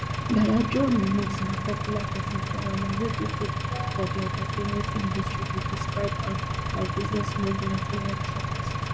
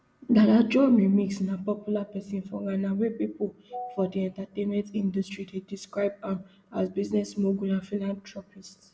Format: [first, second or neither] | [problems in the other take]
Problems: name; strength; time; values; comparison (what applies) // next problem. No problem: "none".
second | background sound (Engine); 1 dB above the speech